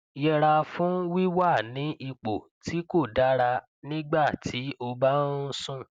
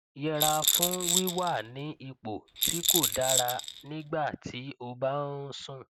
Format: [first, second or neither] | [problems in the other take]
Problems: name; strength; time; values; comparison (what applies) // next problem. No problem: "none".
first | background sound (Rattle); 2 dB above the speech